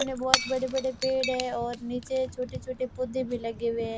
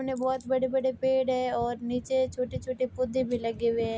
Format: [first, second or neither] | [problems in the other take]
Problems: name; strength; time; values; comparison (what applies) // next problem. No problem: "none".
second | background sound (Shatter / Crushing); 5 dB below the speech